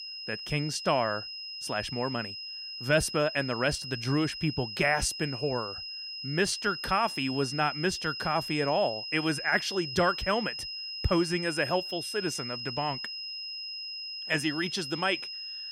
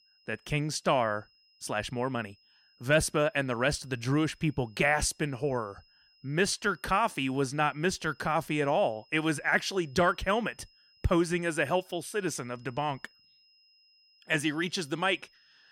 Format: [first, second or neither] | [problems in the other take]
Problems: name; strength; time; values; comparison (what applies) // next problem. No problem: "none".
second | high-pitched whine; loud; throughout; 5 kHz, 6 dB below the speech; faint in the second